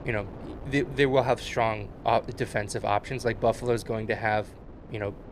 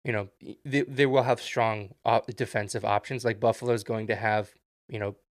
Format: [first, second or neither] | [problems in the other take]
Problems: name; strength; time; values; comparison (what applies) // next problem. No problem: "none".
second | wind noise on the microphone; occasional gusts; 20 dB below the speech